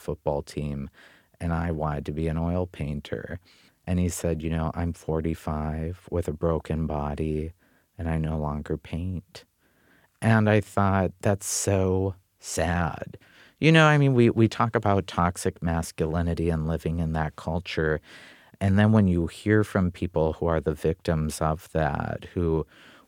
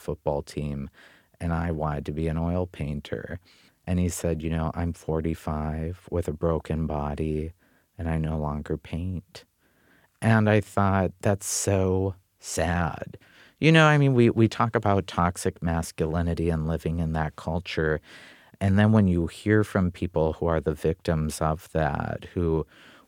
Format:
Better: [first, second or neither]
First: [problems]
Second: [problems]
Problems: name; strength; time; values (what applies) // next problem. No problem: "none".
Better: neither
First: none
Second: none